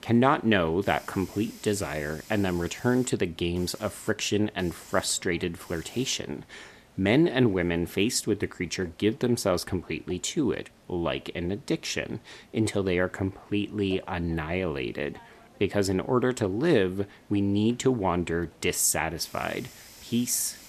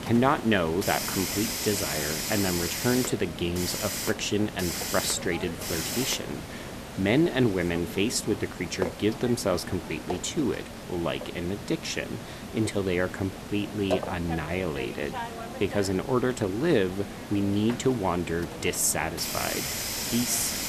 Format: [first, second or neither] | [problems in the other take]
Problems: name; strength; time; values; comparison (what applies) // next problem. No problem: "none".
first | hiss; loud; throughout; 5 dB below the speech; faint in the first